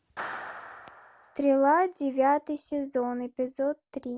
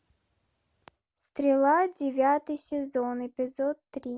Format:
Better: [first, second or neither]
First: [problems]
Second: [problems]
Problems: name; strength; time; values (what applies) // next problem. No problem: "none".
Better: second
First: background sound (Clapping); 17 dB below the speech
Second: none